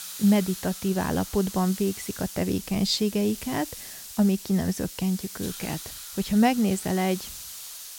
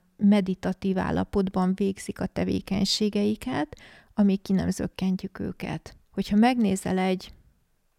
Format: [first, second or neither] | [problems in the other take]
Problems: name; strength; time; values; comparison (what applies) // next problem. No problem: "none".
second | hiss; noticeable; throughout; 10 dB below the speech